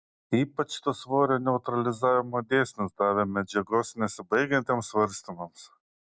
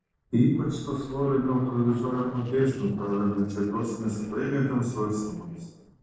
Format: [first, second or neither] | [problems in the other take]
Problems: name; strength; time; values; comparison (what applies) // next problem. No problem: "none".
first | noise reduction (neural separator model SepFormer DNS4)